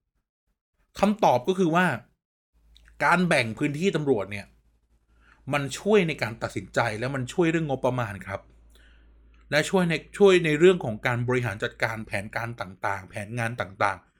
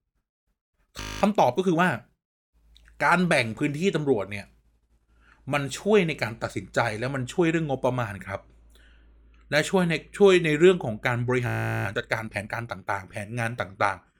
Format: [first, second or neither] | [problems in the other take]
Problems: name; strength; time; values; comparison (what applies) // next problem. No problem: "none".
first | audio freezing; at 1 s and at 11 s